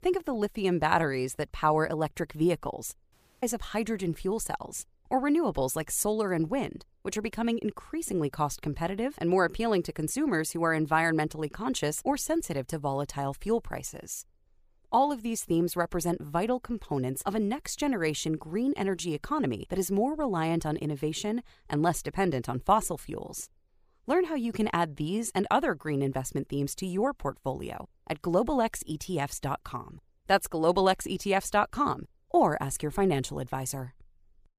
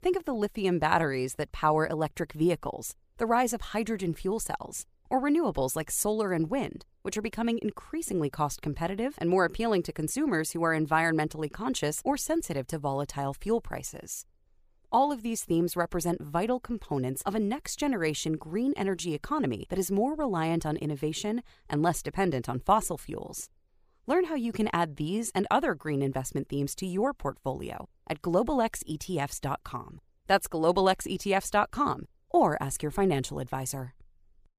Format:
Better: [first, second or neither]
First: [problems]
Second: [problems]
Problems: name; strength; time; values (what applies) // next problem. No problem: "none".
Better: second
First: audio cutting out; at 3 s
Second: none